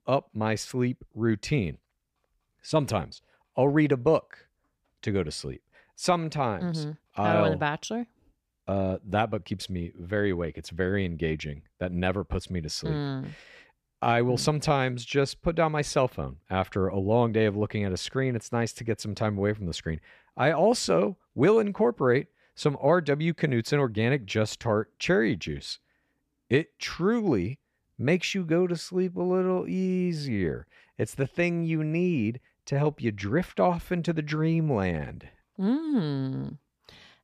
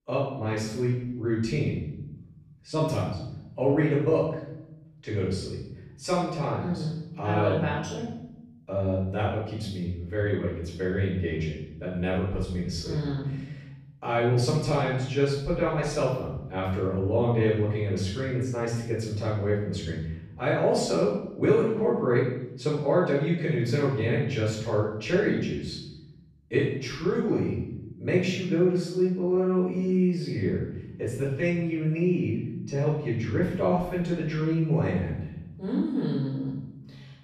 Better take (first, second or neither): first